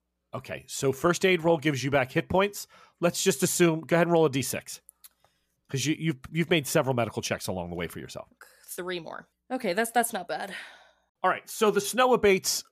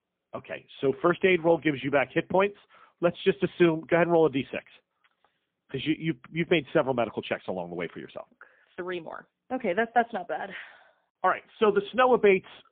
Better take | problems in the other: first | phone-call audio; poor line; nothing above 3.5 kHz

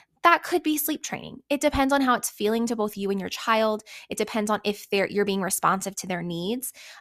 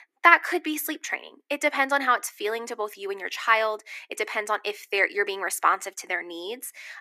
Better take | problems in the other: first | thin; very; fading below 300 Hz

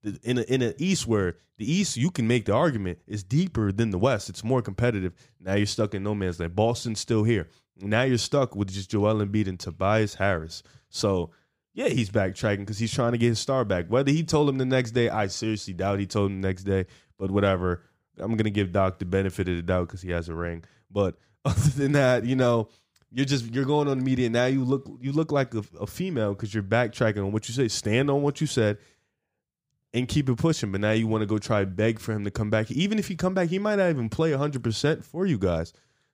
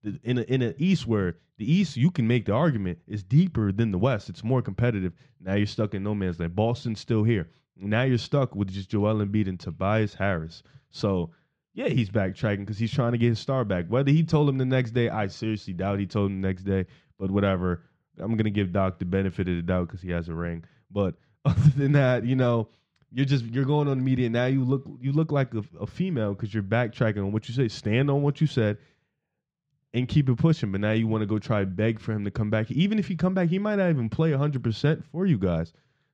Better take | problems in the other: first | muffled; very slightly; fading above 3 kHz

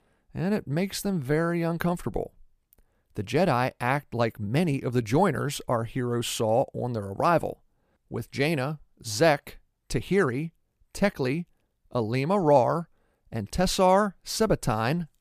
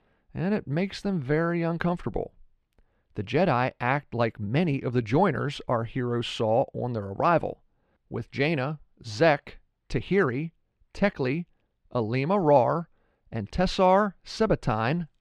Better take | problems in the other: first | muffled; very slightly; fading above 3 kHz

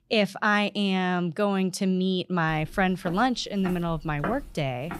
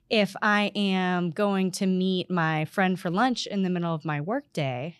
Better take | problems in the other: second | footsteps; noticeable; from 2.5 s on; peak 9 dB below the speech

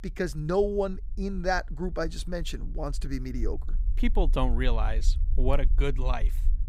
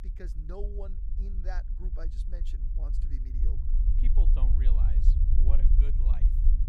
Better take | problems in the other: first | low rumble; loud; throughout; 1 dB below the speech; faint in the first

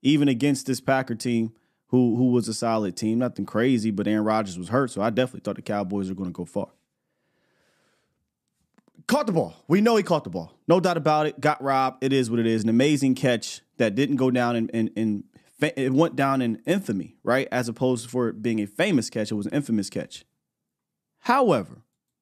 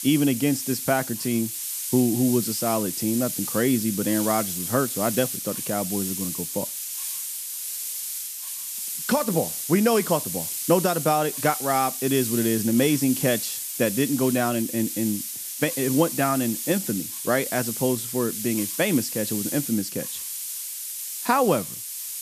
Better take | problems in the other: first | hiss; loud; throughout; 4 dB below the speech

